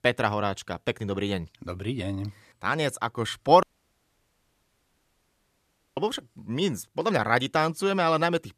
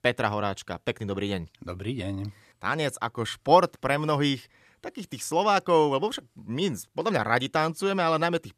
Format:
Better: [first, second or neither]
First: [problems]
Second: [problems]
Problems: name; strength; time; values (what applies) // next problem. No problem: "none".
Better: second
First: audio cutting out; at 3.5 s for 2.5 s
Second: none